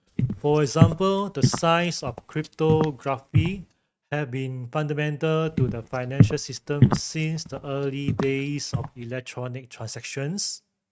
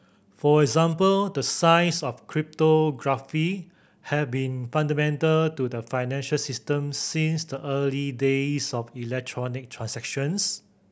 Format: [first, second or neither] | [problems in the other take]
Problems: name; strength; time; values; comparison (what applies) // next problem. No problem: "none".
second | noise reduction (neural mask model RNNoise)